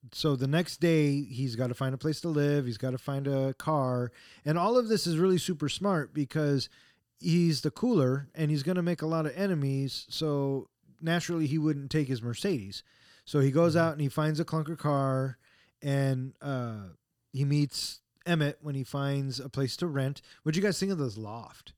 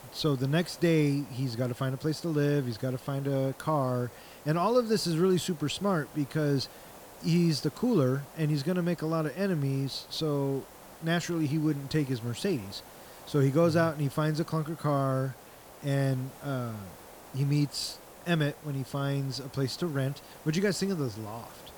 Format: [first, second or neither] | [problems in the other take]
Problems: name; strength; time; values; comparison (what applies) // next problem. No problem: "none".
first | hiss; noticeable; throughout; 20 dB below the speech